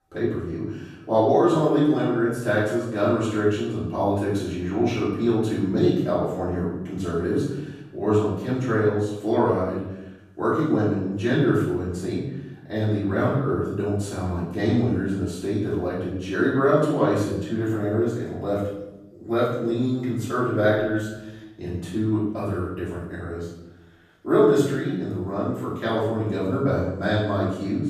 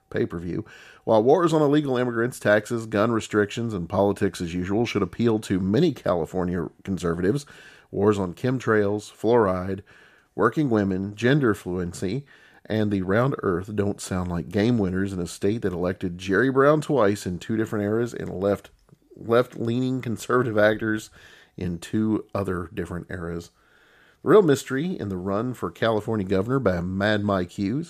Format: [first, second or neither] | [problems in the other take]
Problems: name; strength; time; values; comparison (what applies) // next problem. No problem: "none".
second | off-mic speech; far // room echo; noticeable; dies away in 0.8 s